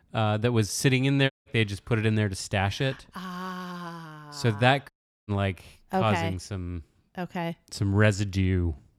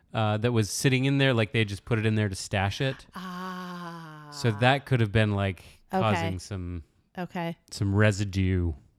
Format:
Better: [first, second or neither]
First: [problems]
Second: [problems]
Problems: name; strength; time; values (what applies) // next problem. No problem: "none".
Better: second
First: audio cutting out; at 1.5 s and at 5 s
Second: none